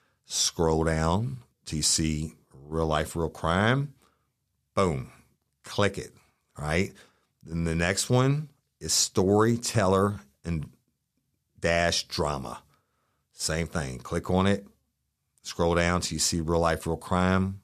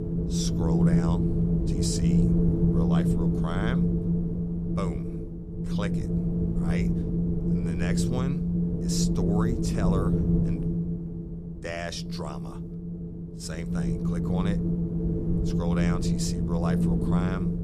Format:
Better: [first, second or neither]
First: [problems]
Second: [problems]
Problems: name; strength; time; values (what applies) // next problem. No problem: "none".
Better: first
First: none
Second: wind noise on the microphone; heavy; 2 dB above the speech